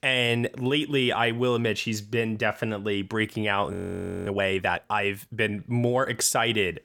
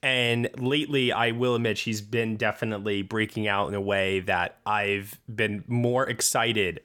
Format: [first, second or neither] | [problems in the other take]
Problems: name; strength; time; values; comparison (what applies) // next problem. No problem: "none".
second | audio freezing; at 3.5 s for 0.5 s